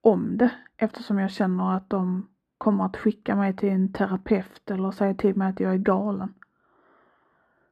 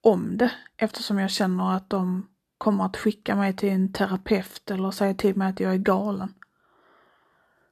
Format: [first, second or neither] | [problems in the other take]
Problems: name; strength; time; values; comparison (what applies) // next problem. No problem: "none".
second | muffled; slightly; fading above 3 kHz